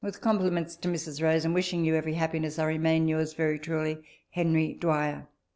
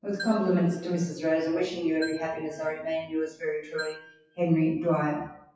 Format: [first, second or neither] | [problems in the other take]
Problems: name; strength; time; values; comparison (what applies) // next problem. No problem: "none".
first | noise reduction (classical method WPE with log-MMSE)